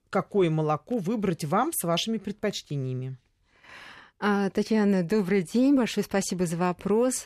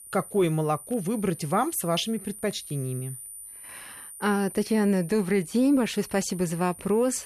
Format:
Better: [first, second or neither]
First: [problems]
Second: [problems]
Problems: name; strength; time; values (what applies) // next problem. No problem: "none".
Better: first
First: none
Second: high-pitched whine; noticeable; throughout; 9.5 kHz, 15 dB below the speech